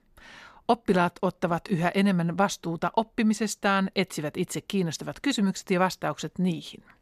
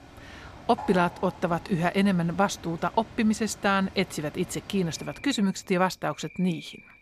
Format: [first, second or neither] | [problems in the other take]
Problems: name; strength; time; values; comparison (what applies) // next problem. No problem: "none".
first | animal sounds; noticeable; throughout; 20 dB below the speech